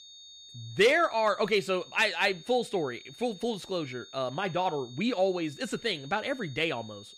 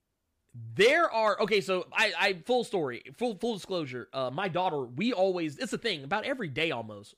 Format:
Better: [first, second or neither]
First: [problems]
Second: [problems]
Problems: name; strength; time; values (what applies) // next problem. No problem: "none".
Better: second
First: high-pitched whine; noticeable; throughout; 3.5 kHz, 20 dB below the speech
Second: none